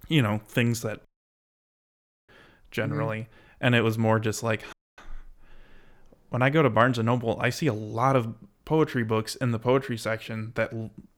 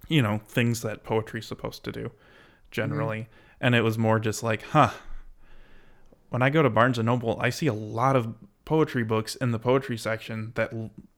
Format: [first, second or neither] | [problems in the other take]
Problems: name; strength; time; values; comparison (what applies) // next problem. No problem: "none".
second | audio cutting out; at 1 s for 1 s and at 4.5 s